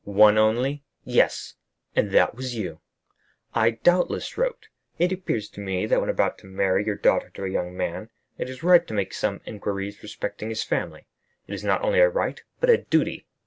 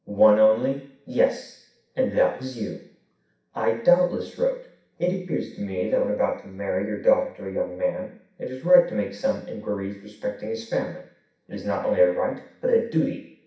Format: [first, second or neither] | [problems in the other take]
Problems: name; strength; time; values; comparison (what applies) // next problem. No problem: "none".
first | room echo; dies away in 0.6 s